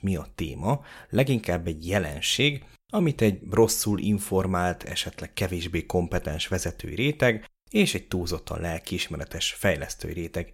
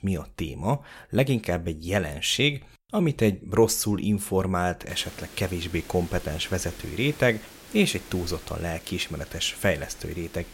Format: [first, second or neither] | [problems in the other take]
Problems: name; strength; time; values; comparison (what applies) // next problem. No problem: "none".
first | hiss; noticeable; from 5 s on; 20 dB below the speech